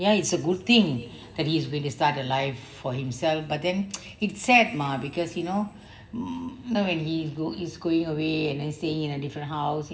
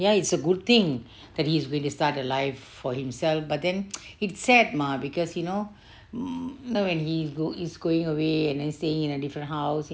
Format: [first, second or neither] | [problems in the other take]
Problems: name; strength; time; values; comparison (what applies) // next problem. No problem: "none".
second | room echo; dies away in 2.4 s